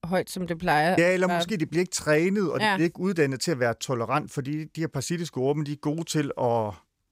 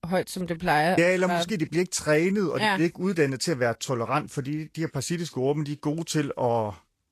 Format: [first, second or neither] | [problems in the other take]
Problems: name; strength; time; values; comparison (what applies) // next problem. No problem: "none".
first | garbled, watery; slightly; nothing above 12.5 kHz